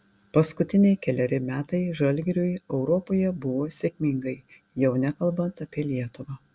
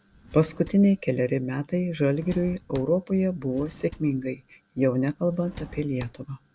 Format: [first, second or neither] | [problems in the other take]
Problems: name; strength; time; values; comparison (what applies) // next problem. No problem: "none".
first | background sound (Drawer open or close); 20 dB below the speech